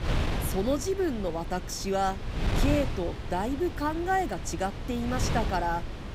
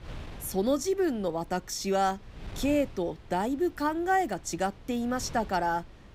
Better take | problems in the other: second | wind noise on the microphone; heavy; 8 dB below the speech; occasional gusts in the second

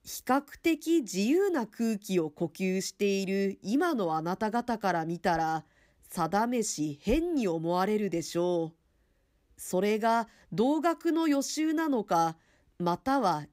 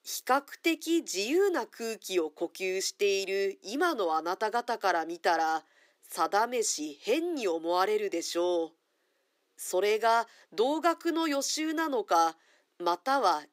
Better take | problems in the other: first | thin; somewhat; fading below 350 Hz

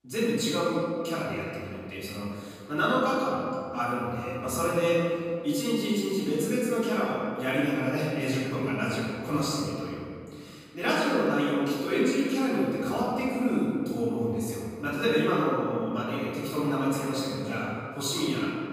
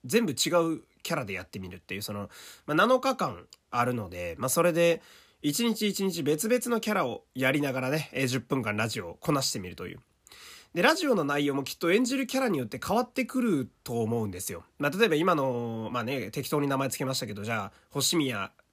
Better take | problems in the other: second | room echo; strong; dies away in 2.2 s // off-mic speech; far

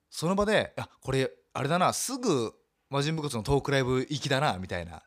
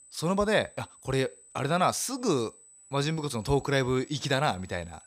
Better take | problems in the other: first | high-pitched whine; faint; throughout; 8 kHz, 25 dB below the speech

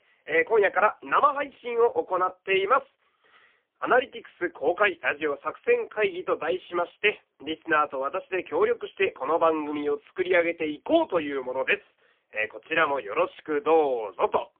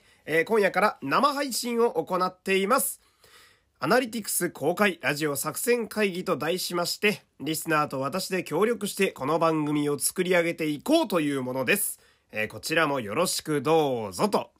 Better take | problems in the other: second | phone-call audio; poor line

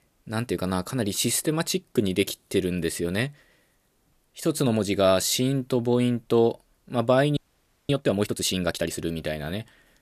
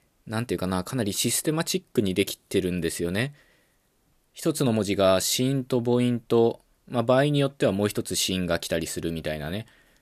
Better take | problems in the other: second | audio freezing; at 7.5 s for 0.5 s

